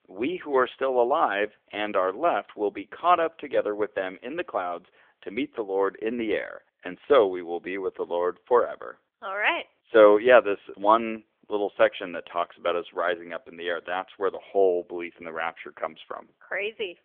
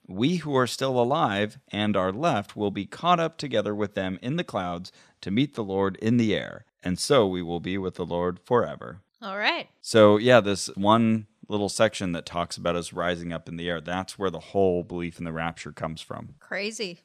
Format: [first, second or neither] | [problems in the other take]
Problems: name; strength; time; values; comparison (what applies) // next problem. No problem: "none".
second | phone-call audio; nothing above 3.5 kHz